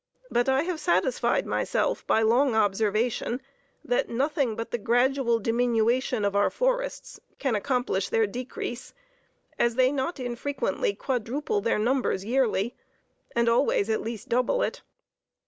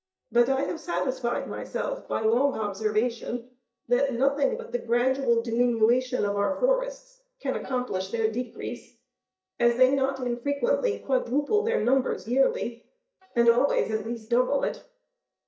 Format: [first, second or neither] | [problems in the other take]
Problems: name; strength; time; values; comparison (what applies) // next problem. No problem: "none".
first | noise reduction (neural mask model DeepFilterNet 3)